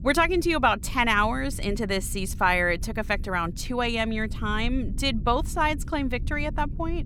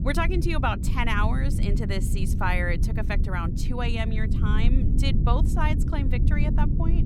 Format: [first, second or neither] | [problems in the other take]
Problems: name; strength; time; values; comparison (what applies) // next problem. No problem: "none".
first | low rumble; loud; throughout; 8 dB below the speech; faint in the first